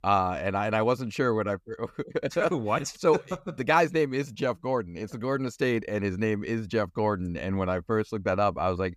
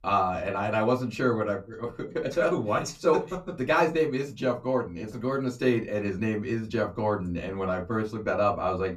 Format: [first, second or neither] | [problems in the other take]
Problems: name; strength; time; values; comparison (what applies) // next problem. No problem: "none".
first | off-mic speech; far // room echo; very slight; dies away in 0.2 s